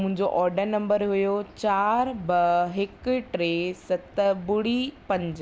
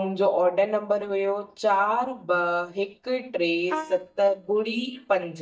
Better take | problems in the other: first | noise reduction (neural mask model DeepFilterNet 3)

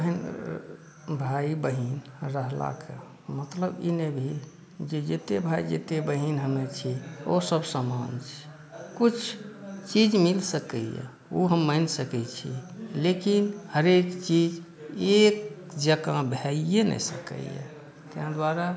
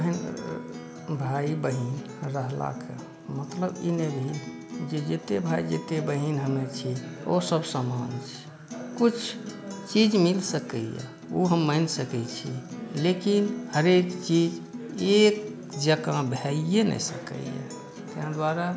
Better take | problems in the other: first | background sound (Acoustic guitar); 13 dB below the speech

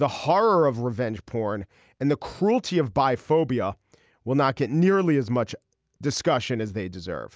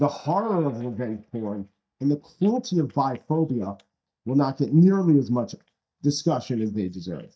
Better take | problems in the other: first | noise reduction (neural mask model DeepFilterNet 3)

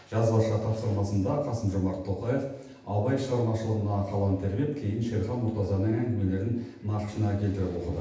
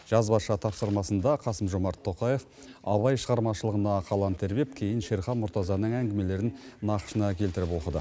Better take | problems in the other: second | room echo; dies away in 0.9 s

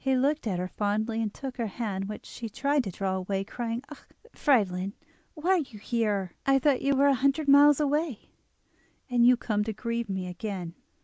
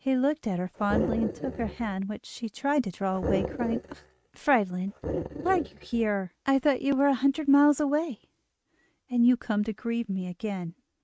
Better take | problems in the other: first | noise reduction (neural mask model RNNoise)

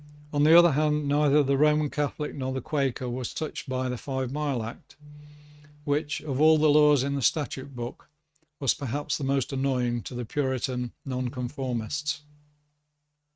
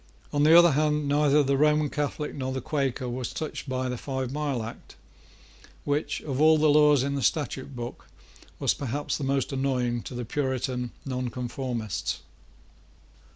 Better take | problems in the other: second | noise reduction (neural mask model RNNoise)

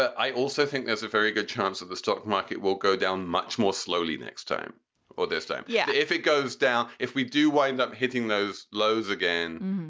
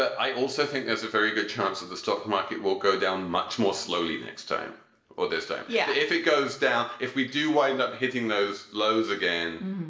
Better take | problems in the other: first | room echo; dies away in 0.7 s

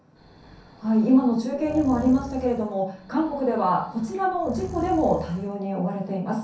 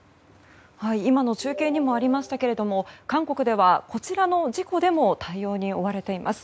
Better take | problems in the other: second | background sound (Breathing); 16 dB below the speech // room echo; dies away in 0.6 s

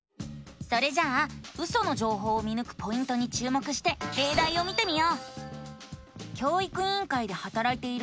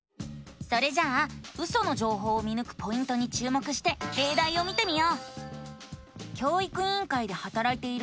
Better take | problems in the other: second | background sound (Gunshot, gunfire); 14 dB below the speech

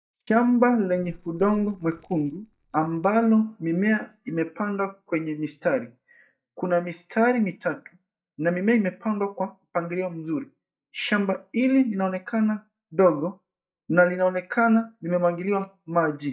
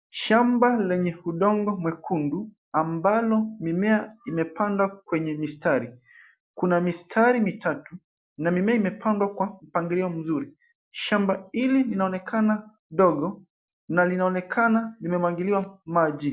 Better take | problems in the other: second | noise reduction (neural mask model DeepFilterNet 3)

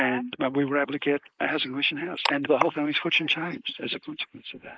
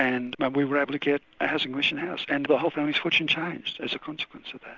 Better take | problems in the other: second | noise reduction (neural mask model Resemble Enhance denoiser)

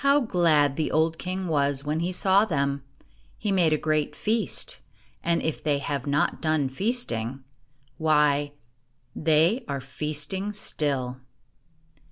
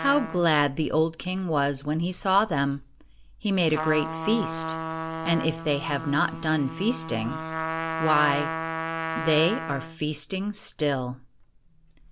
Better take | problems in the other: first | background sound (Trumpet); 8 dB below the speech

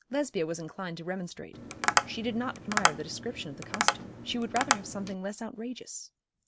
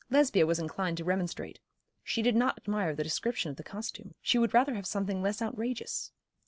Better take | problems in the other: second | background sound (Tap); 4 dB above the speech

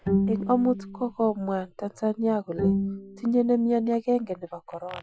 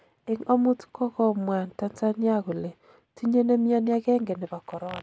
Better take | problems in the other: second | noise reduction (classical method Wiener filter)

